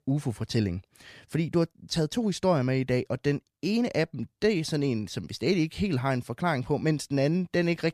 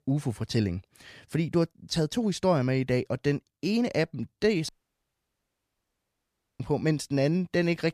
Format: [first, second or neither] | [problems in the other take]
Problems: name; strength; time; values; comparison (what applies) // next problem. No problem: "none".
first | audio cutting out; at 4.5 s for 2 s